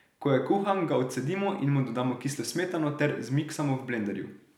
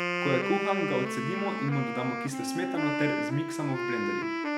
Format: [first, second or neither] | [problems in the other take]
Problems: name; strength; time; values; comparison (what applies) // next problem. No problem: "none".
first | background sound (Wind instrument, woodwind instrument); as loud as the speech